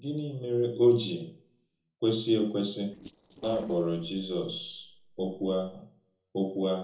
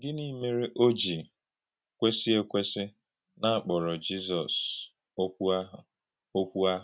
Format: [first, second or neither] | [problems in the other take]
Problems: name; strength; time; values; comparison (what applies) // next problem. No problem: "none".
second | noise reduction (neural separator model SepFormer DNS4)